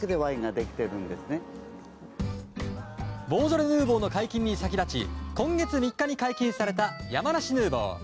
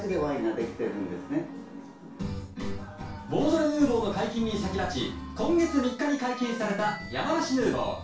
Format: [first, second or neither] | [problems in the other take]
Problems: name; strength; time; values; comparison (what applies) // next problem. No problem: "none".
first | room echo; dies away in 0.3 s